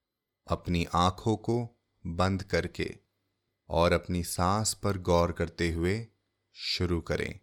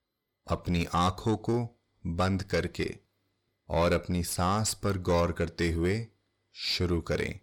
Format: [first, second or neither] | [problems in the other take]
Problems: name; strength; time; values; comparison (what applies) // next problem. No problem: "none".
first | distortion; slight; 10 dB below the speech